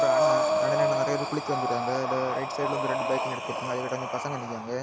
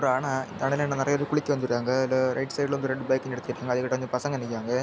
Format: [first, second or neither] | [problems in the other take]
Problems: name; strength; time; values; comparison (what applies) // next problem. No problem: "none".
second | background sound (Breathing); 4 dB above the speech